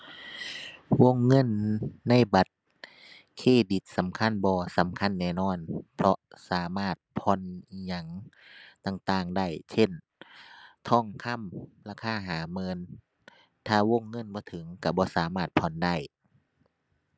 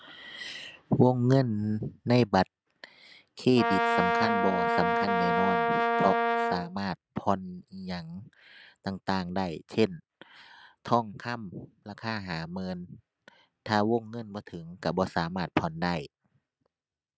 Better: first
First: none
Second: noise reduction (neural mask model RNNoise)

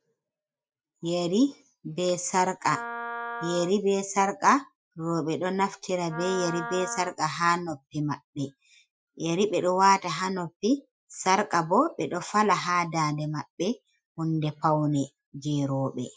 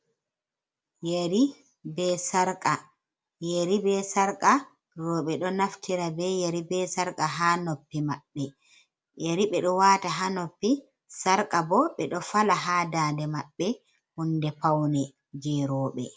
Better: second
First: noise reduction (classical method Wiener filter)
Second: none

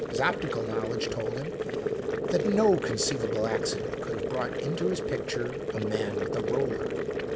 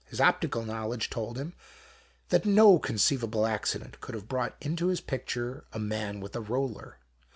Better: second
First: background sound (Boiling); 1 dB above the speech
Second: none

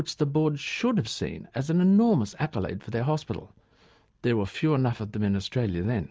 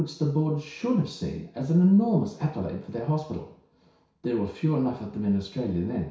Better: first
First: none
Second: room echo; dies away in 0.6 s

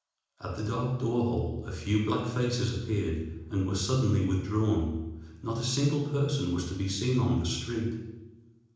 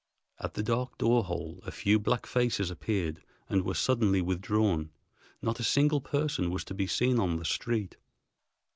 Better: second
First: room echo; dies away in 1 s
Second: none

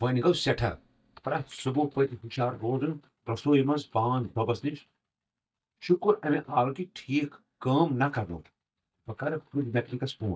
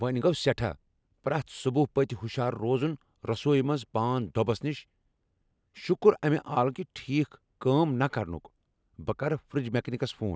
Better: second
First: noise reduction (neural mask model DeepFilterNet 3)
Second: none

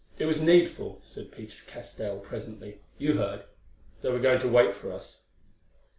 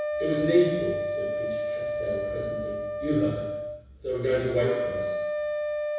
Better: first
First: none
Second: background sound (Wind instrument, woodwind instrument); 1 dB below the speech // room echo; dies away in 1.1 s

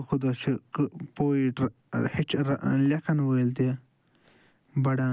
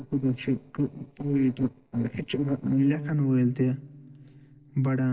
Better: first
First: none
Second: noise reduction (neural separator model SepFormer DNS4)

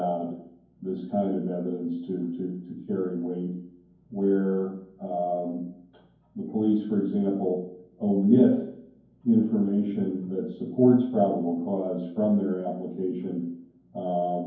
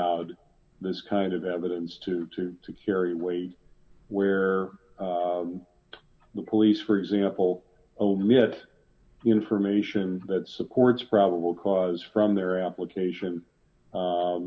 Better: second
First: room echo; dies away in 0.9 s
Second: none

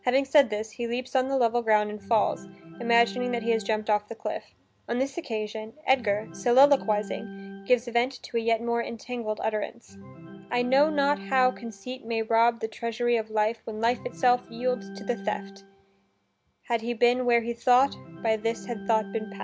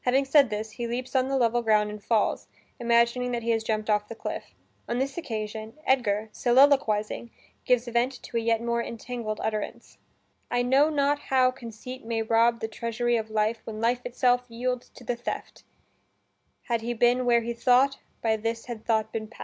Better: second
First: background sound (Organ); 17 dB below the speech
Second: none

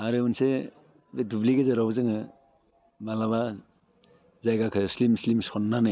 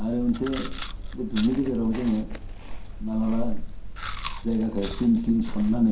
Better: first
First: none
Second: background sound (Chewing, mastication); 4 dB below the speech // room echo; dies away in 0.5 s

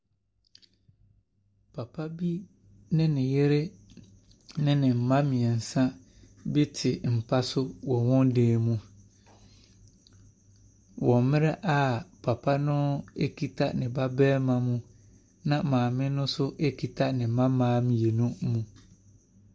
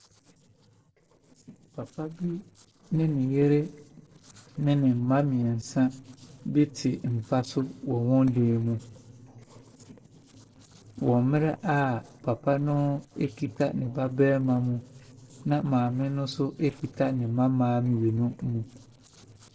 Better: first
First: none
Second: noise reduction (neural separator model SepFormer DNS4)

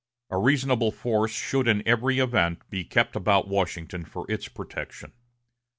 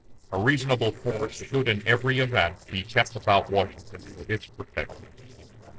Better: first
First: none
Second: noise reduction (neural separator model SepFormer DNS4)

